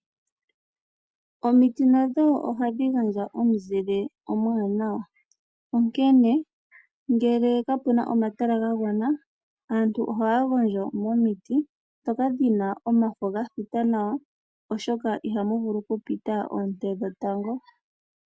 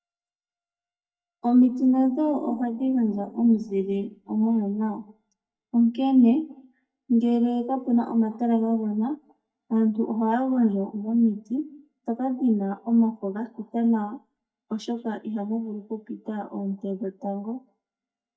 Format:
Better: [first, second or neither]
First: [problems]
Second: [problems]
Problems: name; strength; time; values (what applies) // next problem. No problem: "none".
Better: first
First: none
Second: noise reduction (neural mask model DeepFilterNet 3)